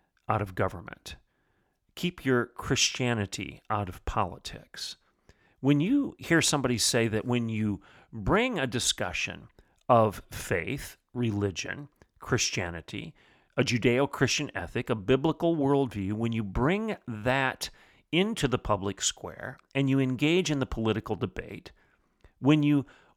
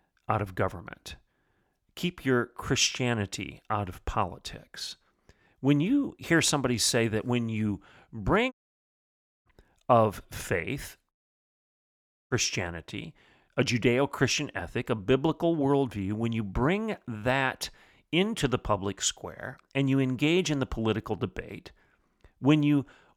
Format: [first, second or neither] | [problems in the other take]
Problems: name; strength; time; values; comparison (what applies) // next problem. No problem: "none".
first | audio cutting out; at 8.5 s for 1 s and at 11 s for 1 s